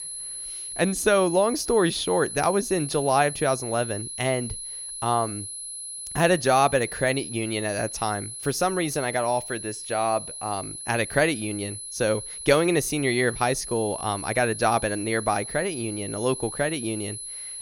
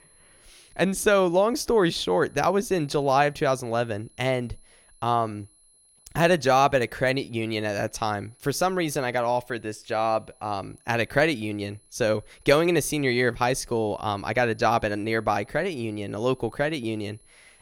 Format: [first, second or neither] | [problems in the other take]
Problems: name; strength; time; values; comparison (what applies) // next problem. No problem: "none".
second | high-pitched whine; loud; throughout; 10.5 kHz, 8 dB below the speech; faint in the second